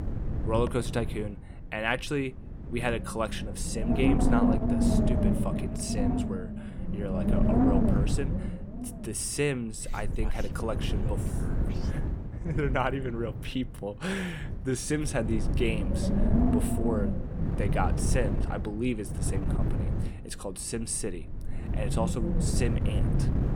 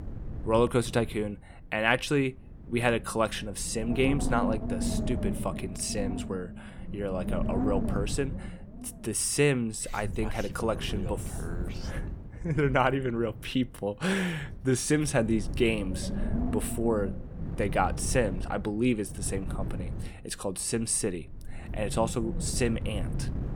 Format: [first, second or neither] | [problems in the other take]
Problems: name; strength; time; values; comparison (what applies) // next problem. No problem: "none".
second | wind noise on the microphone; heavy; 2 dB below the speech; occasional gusts in the second